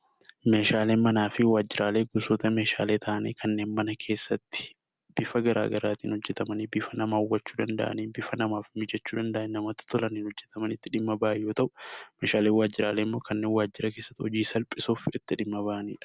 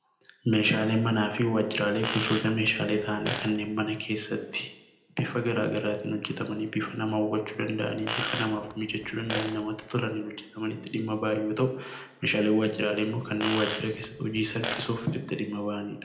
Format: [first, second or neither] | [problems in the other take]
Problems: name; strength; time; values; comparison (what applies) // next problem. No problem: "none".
first | background sound (Fart); 8 dB below the speech // room echo; dies away in 0.7 s